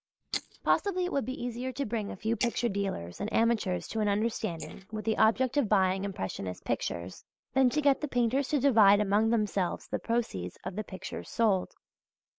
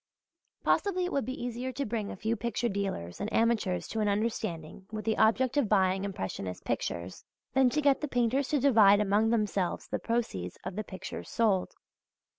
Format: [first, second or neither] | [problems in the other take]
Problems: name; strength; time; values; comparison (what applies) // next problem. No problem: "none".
second | noise reduction (neural mask model Resemble Enhance denoiser)